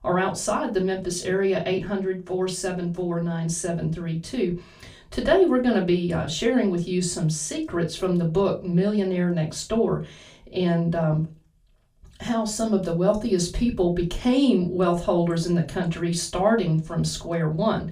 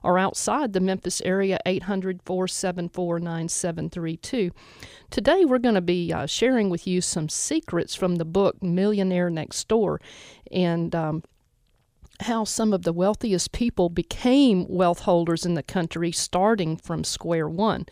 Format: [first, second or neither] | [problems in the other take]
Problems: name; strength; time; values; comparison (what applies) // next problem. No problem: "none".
second | off-mic speech; far // room echo; very slight; dies away in 0.2 s